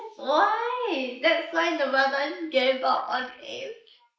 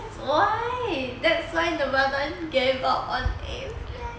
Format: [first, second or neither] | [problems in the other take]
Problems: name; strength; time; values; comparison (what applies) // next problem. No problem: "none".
second | noise reduction (neural mask model Resemble Enhance denoiser)